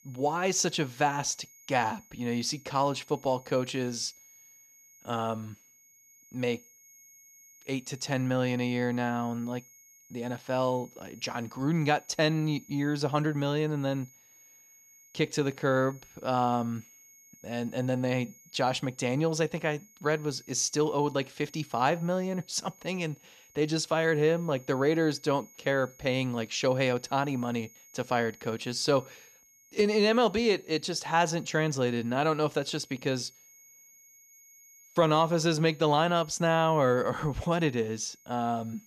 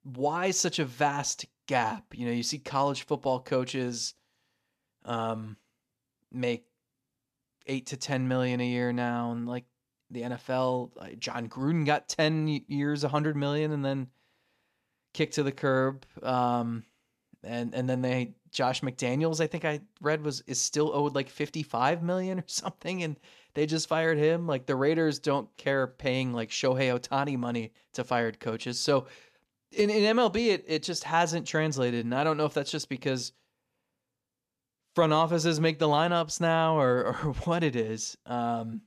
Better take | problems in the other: second | high-pitched whine; faint; throughout; 6.5 kHz, 25 dB below the speech

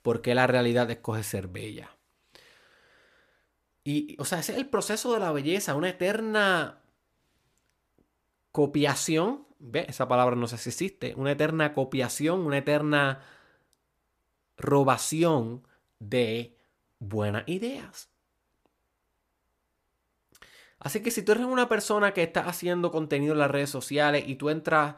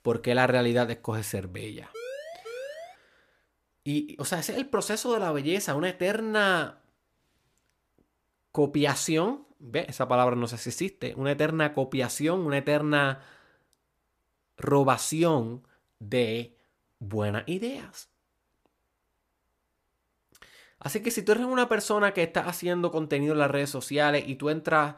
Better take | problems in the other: first | siren; faint; at 2 s; peak 10 dB below the speech

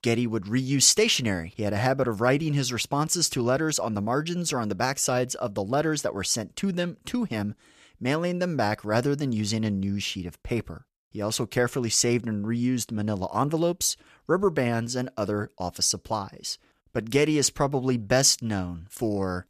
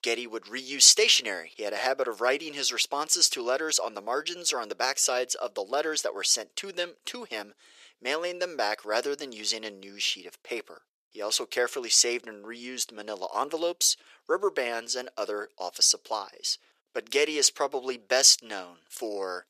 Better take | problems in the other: first | thin; very; fading below 400 Hz

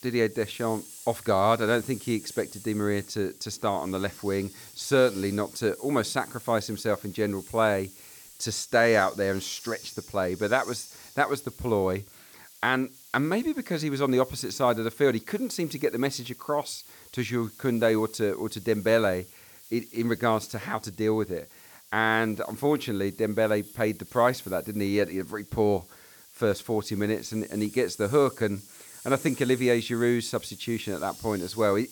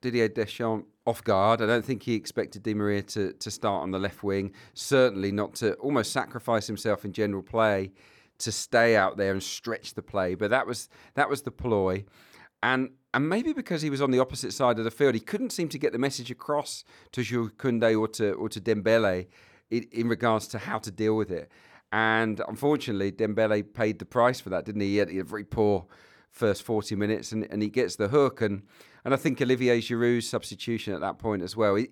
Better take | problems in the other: second | hiss; noticeable; throughout; 20 dB below the speech

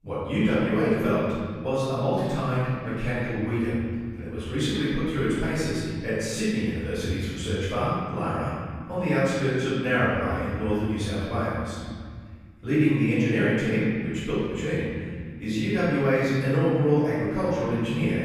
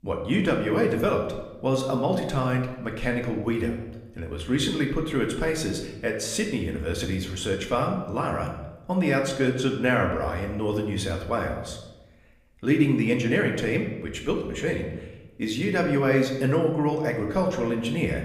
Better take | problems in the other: second | room echo; strong; dies away in 2 s; slight in the second // off-mic speech; far

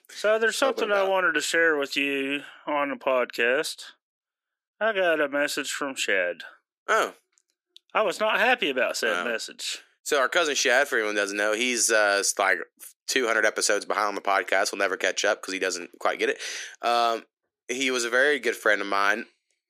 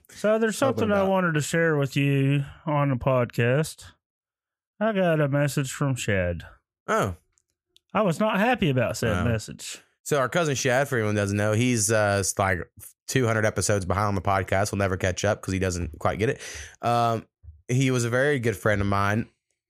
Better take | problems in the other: second | thin; somewhat; fading below 300 Hz

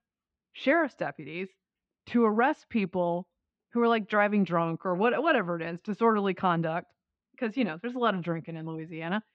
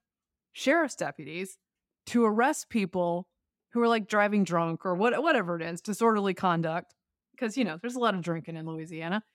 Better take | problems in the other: second | muffled; slightly; fading above 3.5 kHz

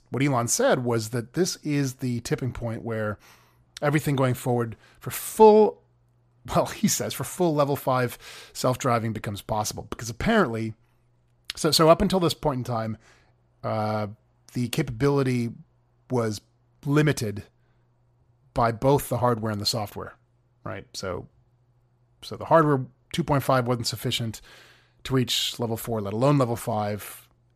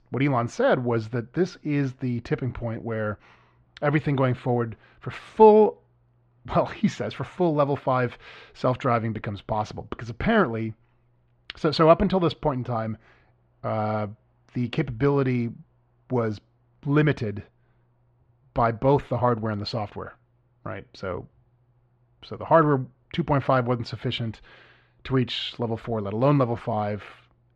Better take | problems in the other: first | muffled; slightly; fading above 3 kHz

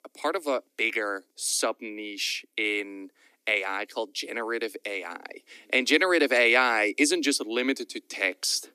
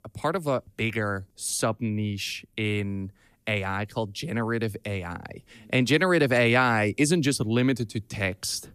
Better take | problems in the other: second | thin; somewhat; fading below 300 Hz

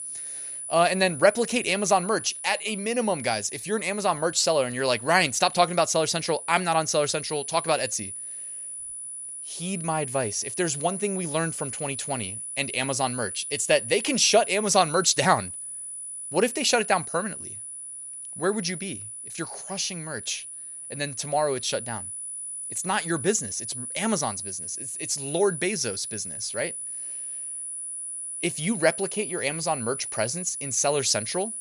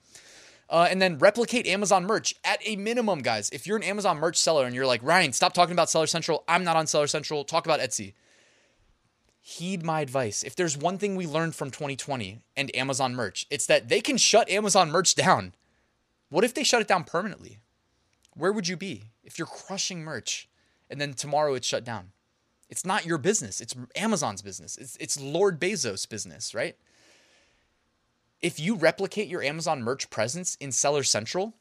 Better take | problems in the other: second | high-pitched whine; loud; throughout; 10 kHz, 8 dB below the speech

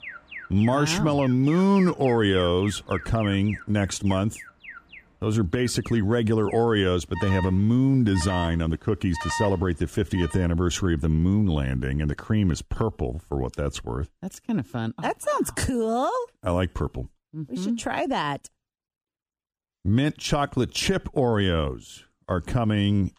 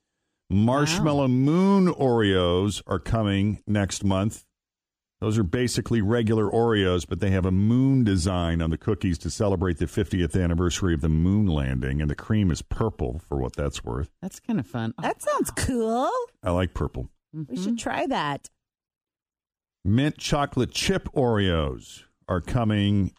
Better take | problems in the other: second | alarms or sirens; noticeable; until 10 s; 15 dB below the speech

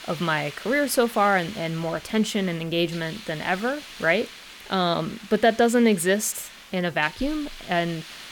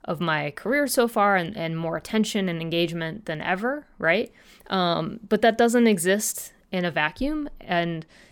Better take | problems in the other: second | hiss; noticeable; throughout; 15 dB below the speech

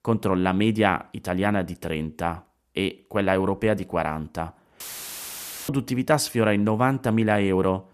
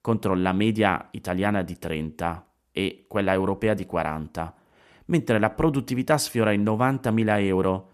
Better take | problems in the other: second | audio cutting out; filled with static; at 5 s for 1 s

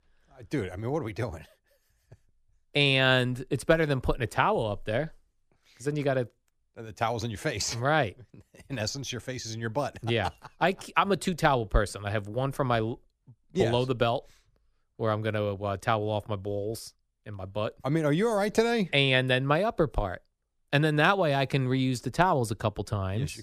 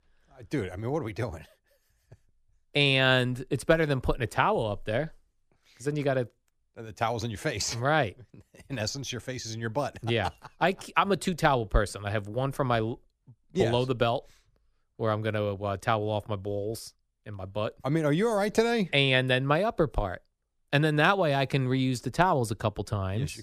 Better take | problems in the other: neither | none

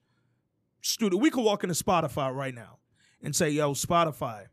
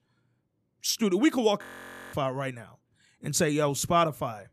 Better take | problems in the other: first | audio freezing; at 1.5 s for 0.5 s

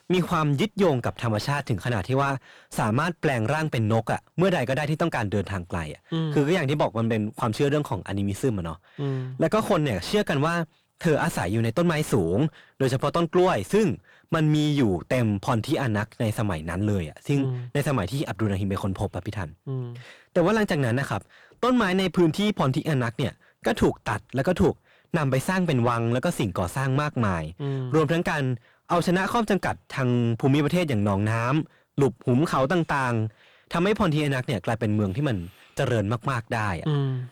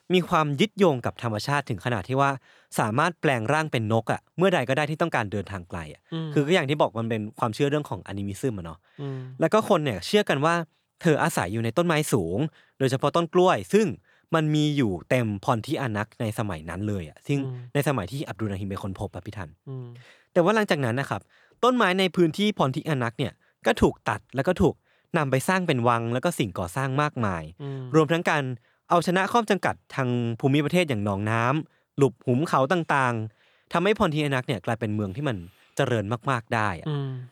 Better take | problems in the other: second | distortion; heavy; 7 dB below the speech

